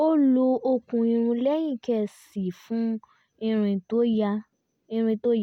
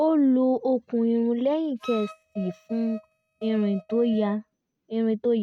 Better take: first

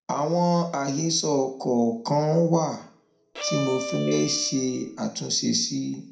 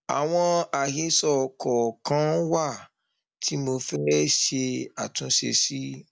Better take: second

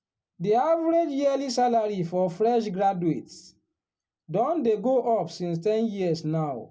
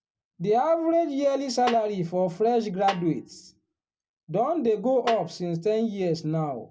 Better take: first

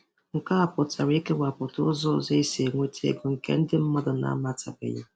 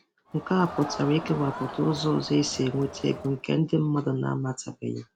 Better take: first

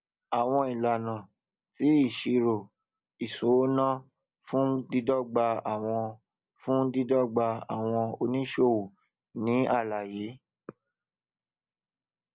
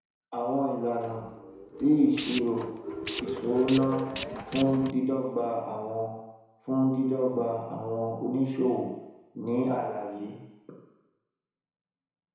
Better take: first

